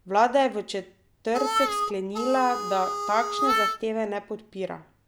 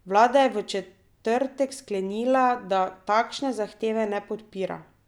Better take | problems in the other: second | background sound (Harmonica); 1 dB below the speech

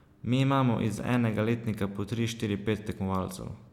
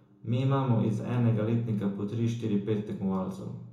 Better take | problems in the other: first | room echo; dies away in 0.7 s

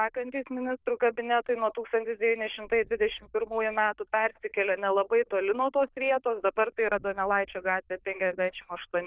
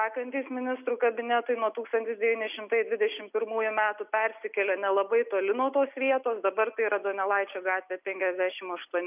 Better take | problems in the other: second | noise reduction (neural diffusion model UNIVERSE++)

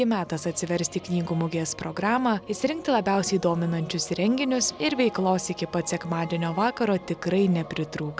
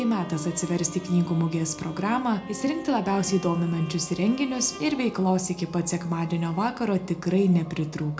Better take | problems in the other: first | background sound (Bowed string instrument); 17 dB below the speech // room echo; dies away in 0.3 s

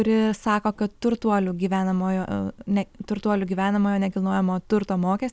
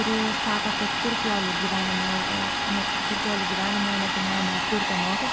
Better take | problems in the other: first | background sound (Domestic sounds, home sounds); 4 dB above the speech

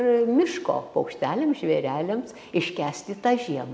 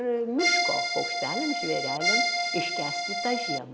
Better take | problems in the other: first | background sound (Accordion); 4 dB above the speech

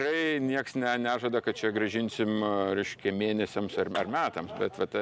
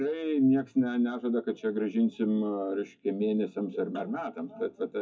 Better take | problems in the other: first | noise reduction (classical method WPE with log-MMSE)

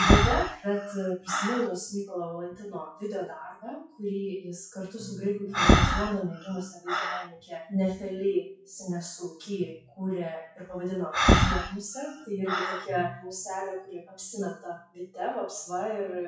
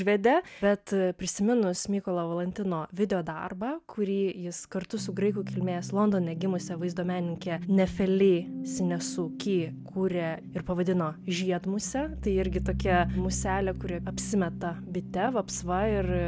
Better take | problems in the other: second | noise reduction (classical method WPE with log-MMSE)

